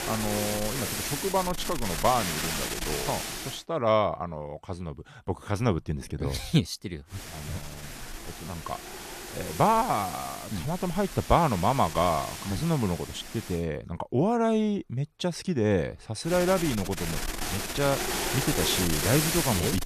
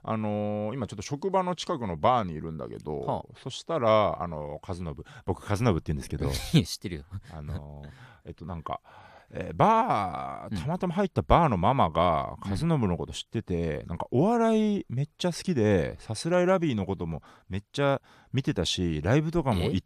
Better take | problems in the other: second | wind noise on the microphone; heavy; until 3.5 s, from 7 to 14 s and from 16 s on; 5 dB below the speech

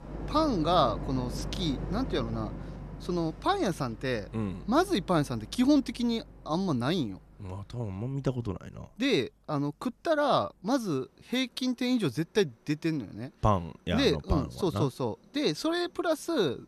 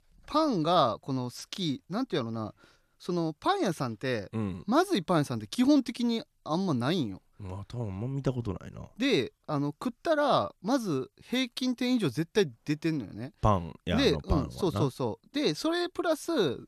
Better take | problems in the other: second | train or aircraft noise; noticeable; throughout; 10 dB below the speech

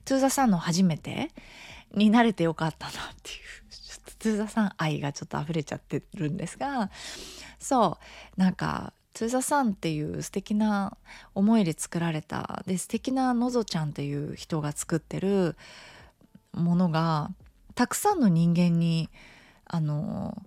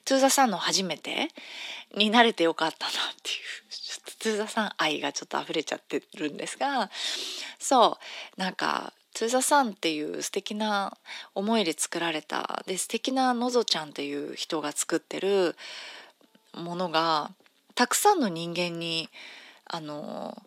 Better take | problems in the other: first | thin; somewhat; fading below 300 Hz

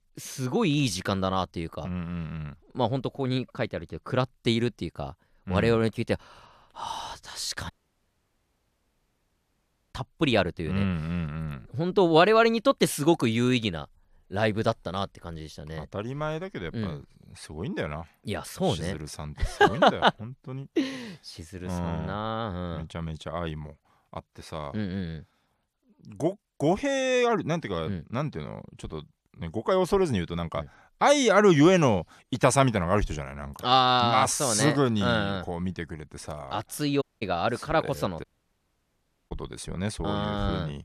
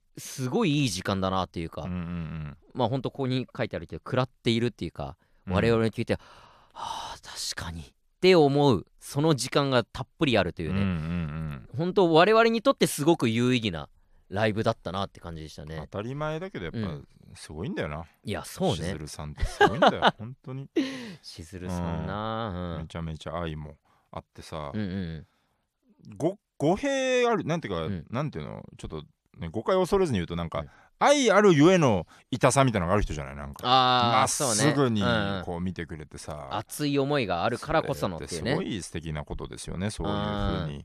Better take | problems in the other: second | audio cutting out; at 7.5 s for 2 s, at 37 s and at 38 s for 1 s

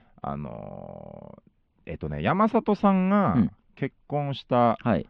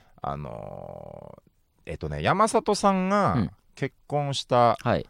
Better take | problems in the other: second | muffled; very; fading above 3 kHz

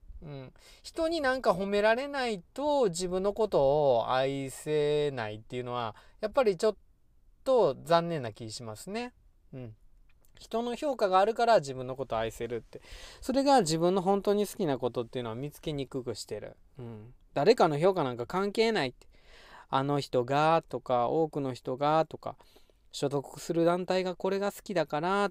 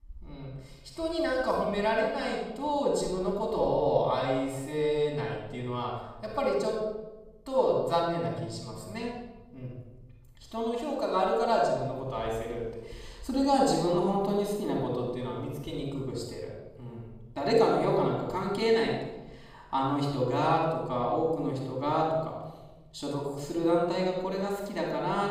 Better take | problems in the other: first | off-mic speech; far // room echo; noticeable; dies away in 1.1 s

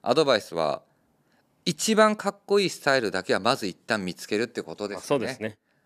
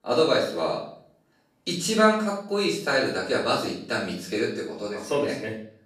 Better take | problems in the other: first | off-mic speech; far // room echo; noticeable; dies away in 0.5 s

